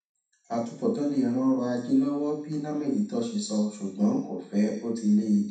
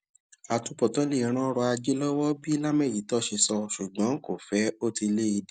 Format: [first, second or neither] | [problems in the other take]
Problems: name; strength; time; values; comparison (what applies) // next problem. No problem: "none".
second | room echo; dies away in 0.6 s